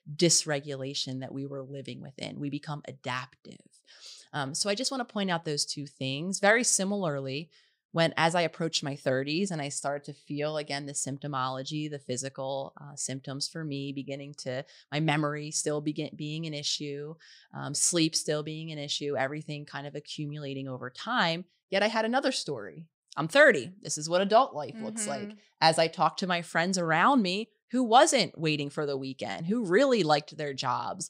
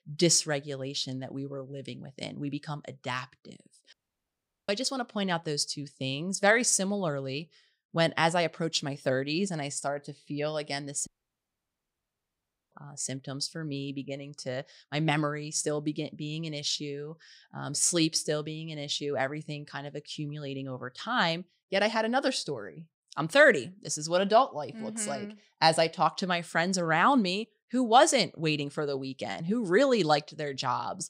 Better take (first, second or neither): first